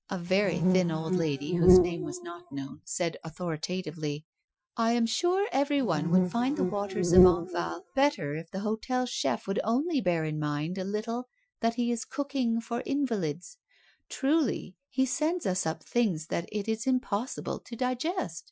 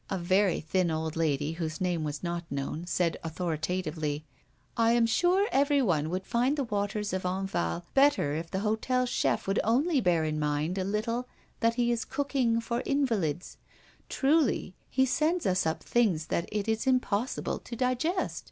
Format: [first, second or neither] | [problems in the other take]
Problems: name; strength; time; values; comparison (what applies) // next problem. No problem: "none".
second | noise reduction (classical method Wiener filter)